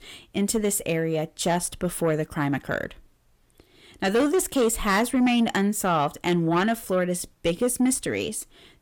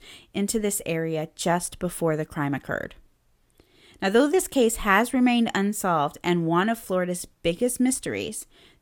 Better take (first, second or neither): second